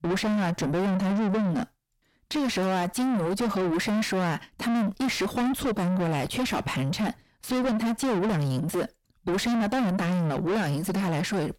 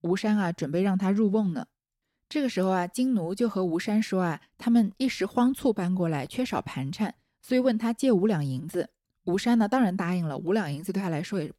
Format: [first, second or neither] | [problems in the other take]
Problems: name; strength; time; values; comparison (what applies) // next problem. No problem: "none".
second | distortion; heavy; 5 dB below the speech